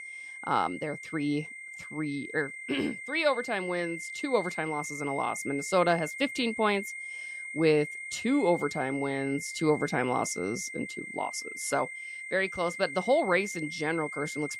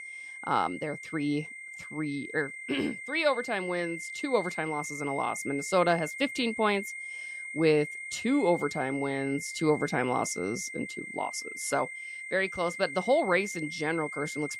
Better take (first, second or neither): neither